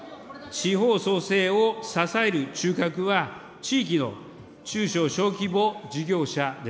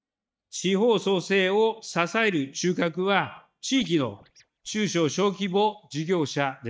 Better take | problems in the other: first | noise reduction (neural mask model DeepFilterNet 3)

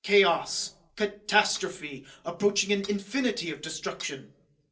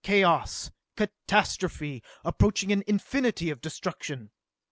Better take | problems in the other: second | noise reduction (neural separator model SepFormer DNS4)

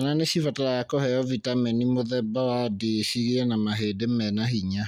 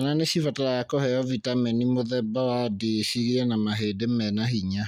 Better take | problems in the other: first | noise reduction (neural mask model Resemble Enhance denoiser)

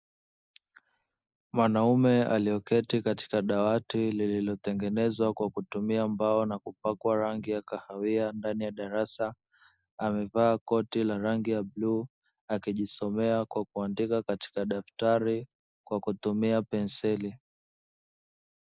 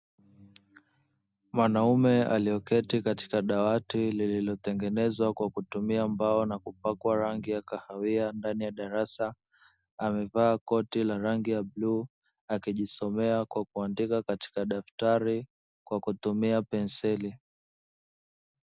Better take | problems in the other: second | noise reduction (neural mask model Resemble Enhance denoiser)

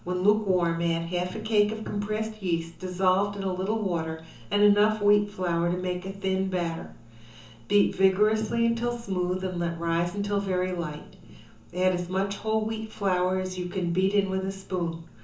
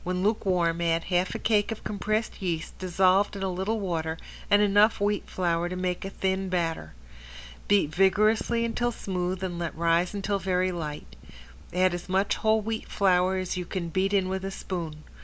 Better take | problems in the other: second | room echo; dies away in 0.8 s

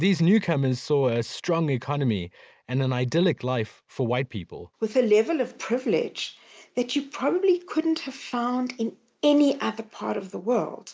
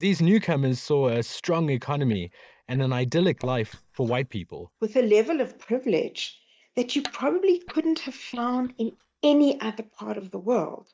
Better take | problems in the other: first | noise reduction (neural mask model DeepFilterNet 3)

